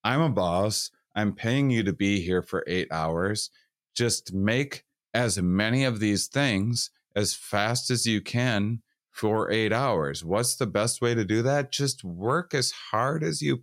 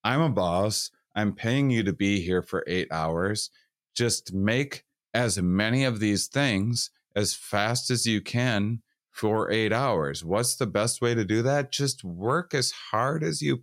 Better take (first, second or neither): neither